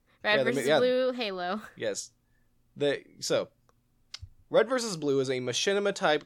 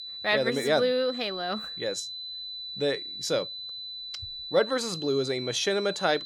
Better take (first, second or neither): first